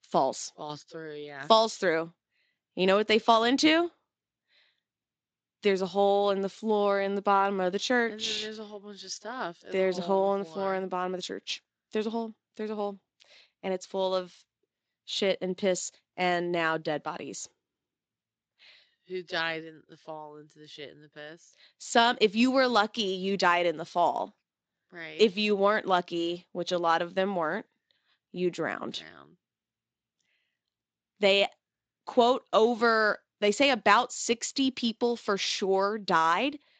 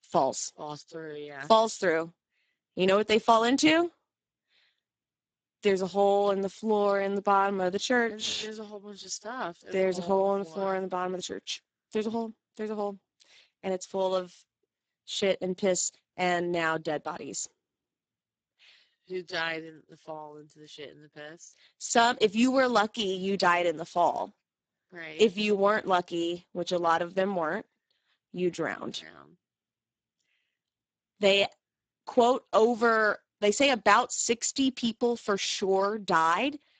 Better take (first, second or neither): first